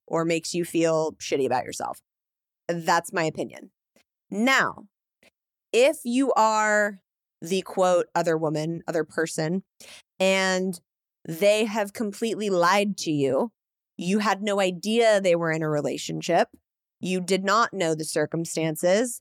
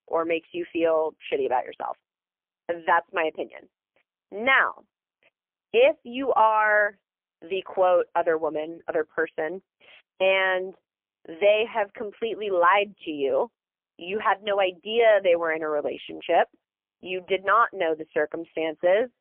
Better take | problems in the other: first | phone-call audio; poor line; nothing above 3 kHz

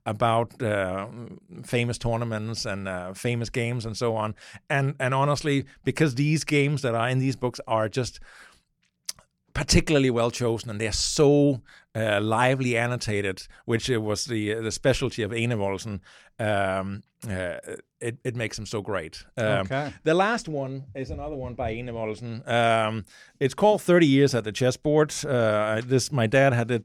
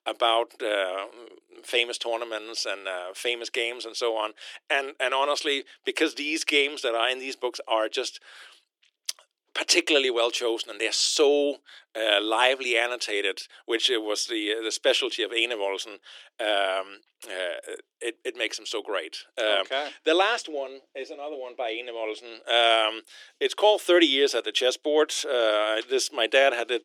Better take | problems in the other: first | thin; very; fading below 300 Hz

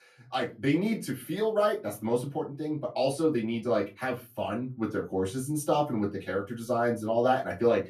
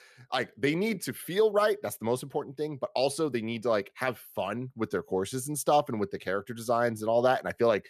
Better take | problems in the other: second | off-mic speech; far // room echo; very slight; dies away in 0.2 s

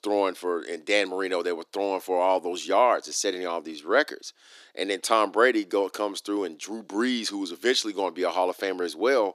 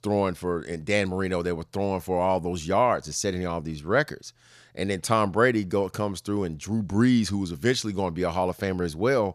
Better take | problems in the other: second | thin; somewhat; fading below 300 Hz

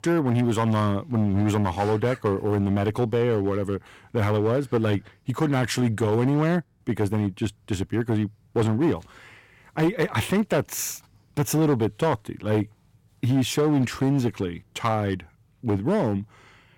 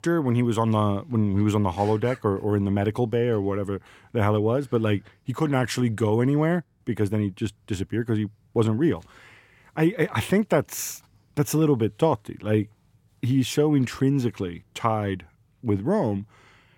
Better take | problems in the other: second | distortion; slight; 8% of the sound clipped

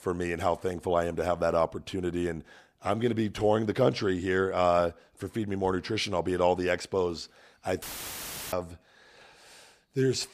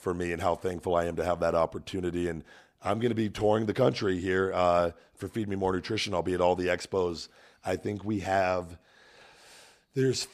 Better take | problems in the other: second | audio cutting out; filled with static; at 8 s for 0.5 s

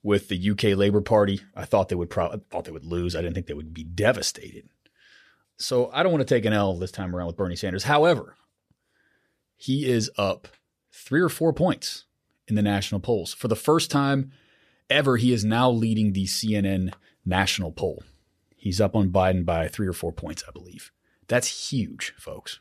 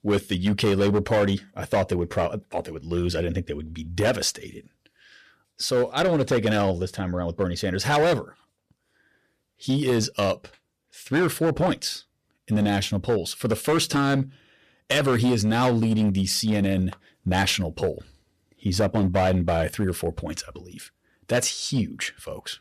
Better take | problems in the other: first | distortion; slight; 8% of the sound clipped

